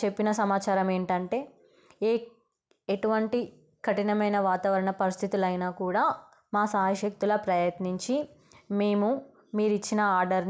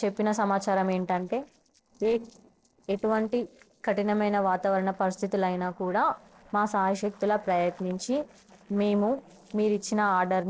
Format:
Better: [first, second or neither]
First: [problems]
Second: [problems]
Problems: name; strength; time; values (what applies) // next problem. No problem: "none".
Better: first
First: none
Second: noise reduction (neural separator model SepFormer DNS4)